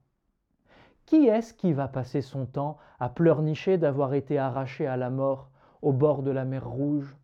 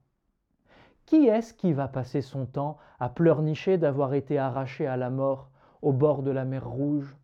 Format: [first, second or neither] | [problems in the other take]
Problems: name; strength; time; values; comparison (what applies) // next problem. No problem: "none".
neither | muffled; slightly; fading above 2 kHz; the same in both